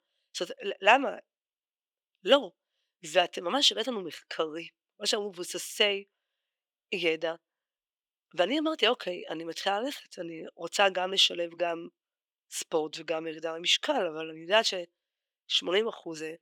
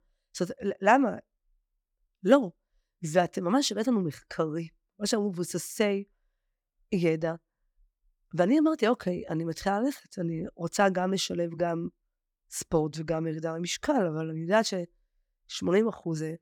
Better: second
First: thin; somewhat; fading below 450 Hz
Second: none

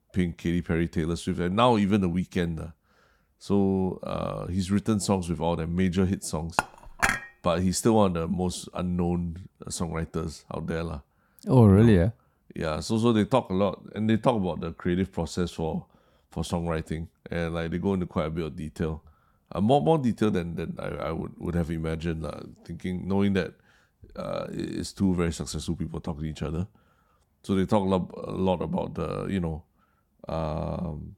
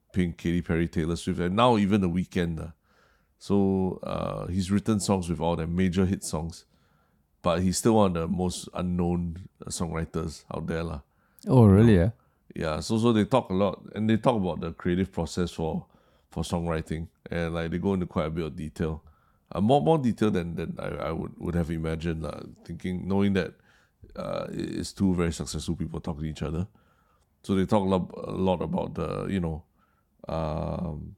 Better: second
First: clattering dishes; loud; at 6.5 s; peak 1 dB above the speech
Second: none

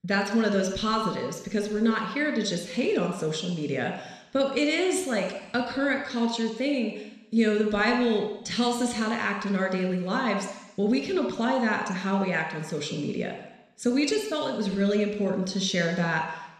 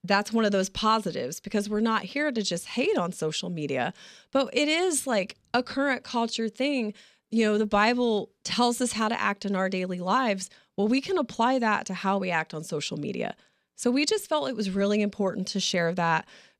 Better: second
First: room echo; noticeable; dies away in 1 s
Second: none

